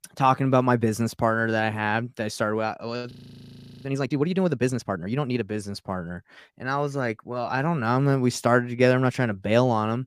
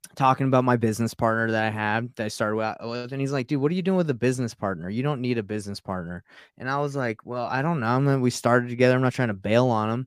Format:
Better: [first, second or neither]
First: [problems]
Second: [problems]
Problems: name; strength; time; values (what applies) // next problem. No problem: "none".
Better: second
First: audio freezing; at 3 s for 0.5 s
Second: none